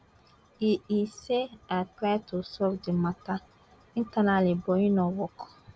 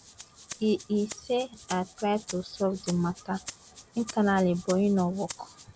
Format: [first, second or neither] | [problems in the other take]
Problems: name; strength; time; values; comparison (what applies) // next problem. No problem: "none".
first | background sound (Rattle (instrument)); 17 dB below the speech